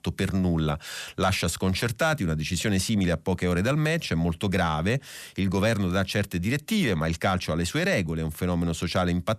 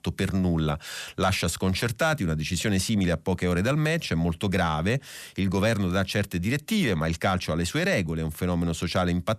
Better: neither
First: none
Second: none

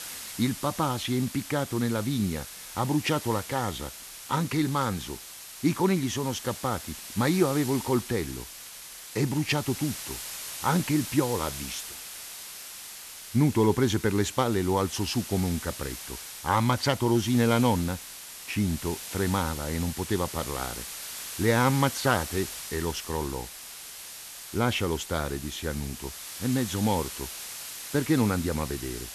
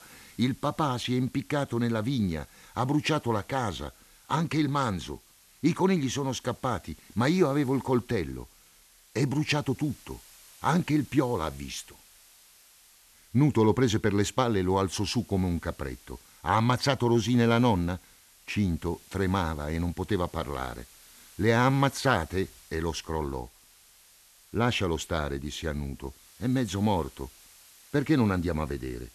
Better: second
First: hiss; loud; throughout; 10 dB below the speech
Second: hiss; faint; throughout; 25 dB below the speech

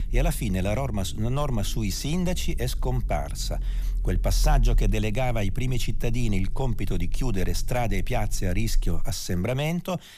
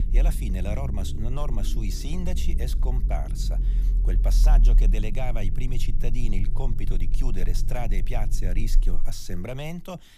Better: first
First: low rumble; faint; throughout; 20 dB below the speech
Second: low rumble; loud; throughout; 10 dB below the speech

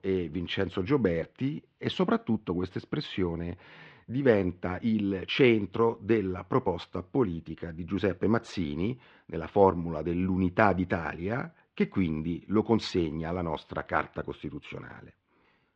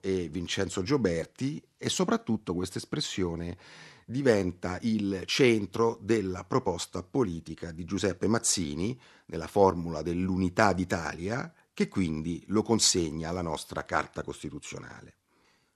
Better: second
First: muffled; very; fading above 3 kHz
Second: none

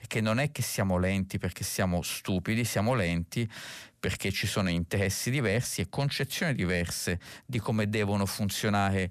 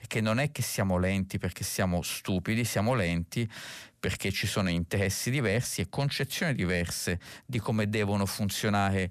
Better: neither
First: none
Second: none

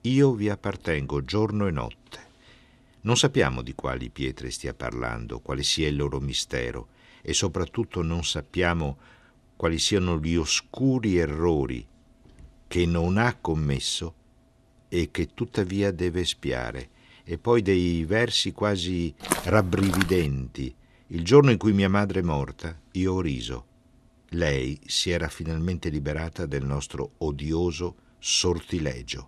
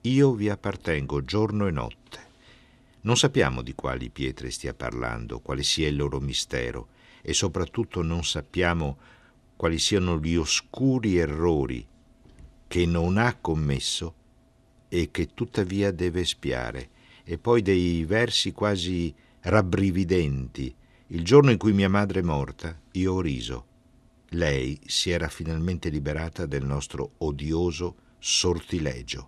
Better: second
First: footsteps; noticeable; at 19 s; peak 2 dB below the speech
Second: none

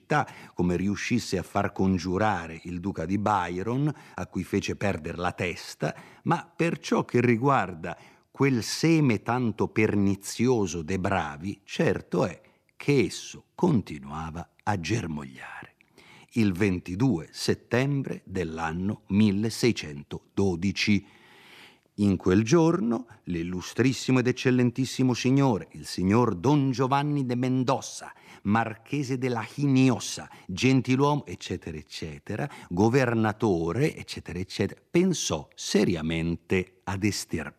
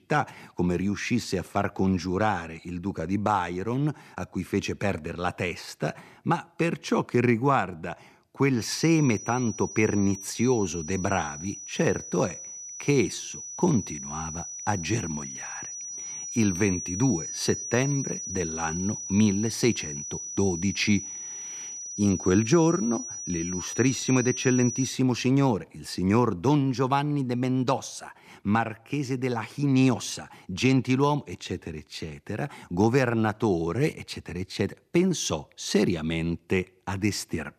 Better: first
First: none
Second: high-pitched whine; loud; from 8.5 to 25 s; 6 kHz, 8 dB below the speech

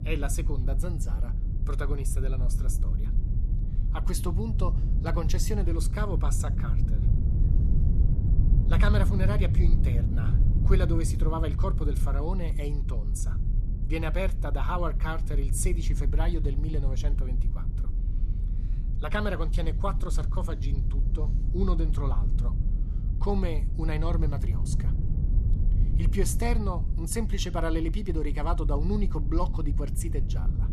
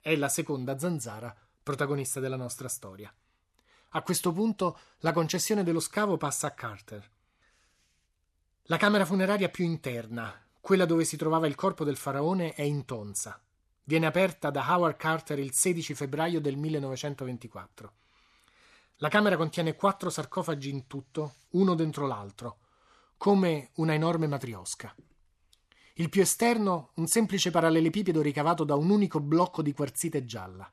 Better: second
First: low rumble; loud; throughout; 9 dB below the speech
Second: none

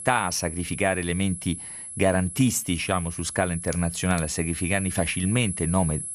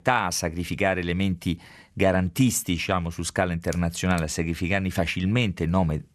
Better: second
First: high-pitched whine; loud; throughout; 11 kHz, 8 dB below the speech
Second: none

